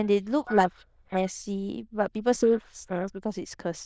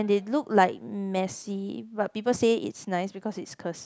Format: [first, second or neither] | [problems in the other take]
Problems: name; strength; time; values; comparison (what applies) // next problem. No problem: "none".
second | noise reduction (neural diffusion model UNIVERSE++)